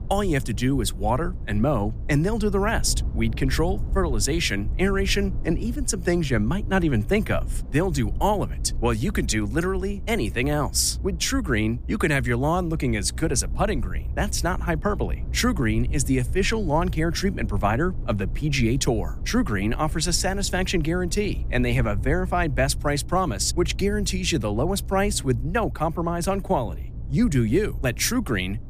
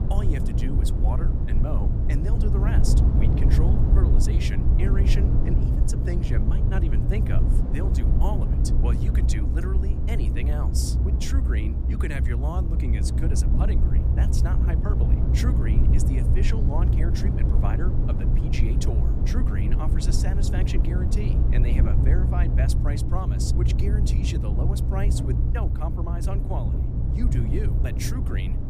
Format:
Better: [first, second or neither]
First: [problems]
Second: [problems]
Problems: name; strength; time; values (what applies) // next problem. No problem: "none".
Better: first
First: low rumble; faint; throughout; 20 dB below the speech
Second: low rumble; loud; throughout; as loud as the speech